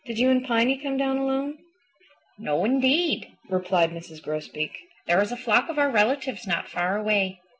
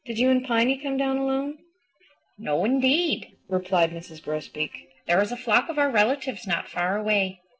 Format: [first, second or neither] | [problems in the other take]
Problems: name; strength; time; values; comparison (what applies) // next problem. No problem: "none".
first | noise reduction (neural separator model SepFormer DNS4)